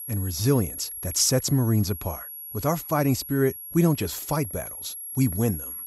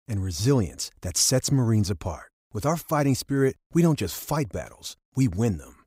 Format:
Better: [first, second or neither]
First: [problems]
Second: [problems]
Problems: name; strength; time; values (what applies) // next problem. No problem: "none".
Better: second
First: high-pitched whine; loud; throughout; 11.5 kHz, 9 dB below the speech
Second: none